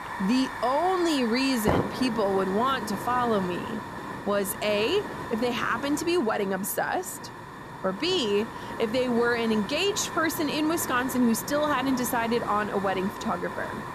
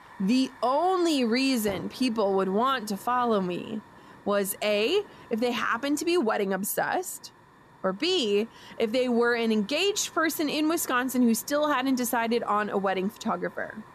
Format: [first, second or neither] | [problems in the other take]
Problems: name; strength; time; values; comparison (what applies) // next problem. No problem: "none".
second | hiss; loud; throughout; 8 dB below the speech; faint in the second